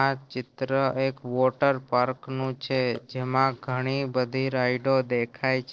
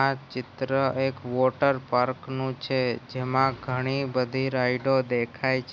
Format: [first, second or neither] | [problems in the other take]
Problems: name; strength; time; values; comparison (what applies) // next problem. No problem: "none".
second | noise reduction (neural separator model SepFormer DNS4)